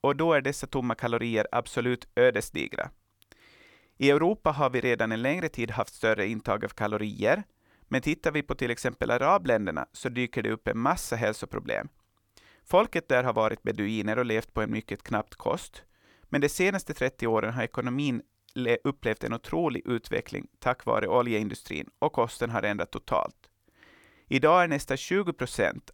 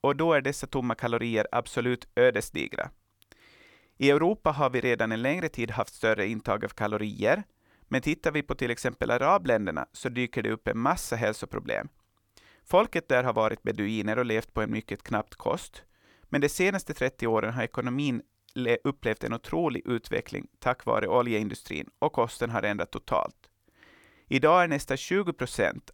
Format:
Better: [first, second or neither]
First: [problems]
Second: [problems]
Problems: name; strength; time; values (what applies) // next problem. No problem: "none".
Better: neither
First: none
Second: none